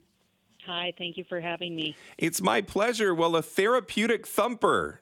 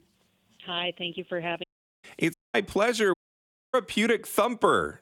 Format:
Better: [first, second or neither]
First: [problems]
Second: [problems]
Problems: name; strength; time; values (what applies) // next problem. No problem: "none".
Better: first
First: none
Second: audio cutting out; at 1.5 s, at 2.5 s and at 3 s for 0.5 s